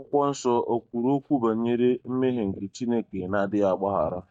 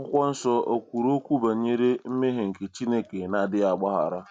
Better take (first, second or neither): second